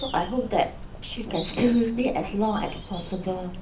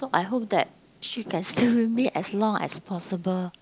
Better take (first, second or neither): second